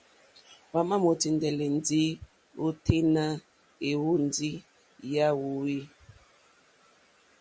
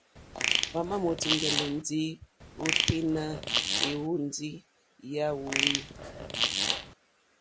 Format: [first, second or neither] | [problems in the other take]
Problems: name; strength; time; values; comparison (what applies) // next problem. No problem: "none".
first | background sound (Fart); 3 dB above the speech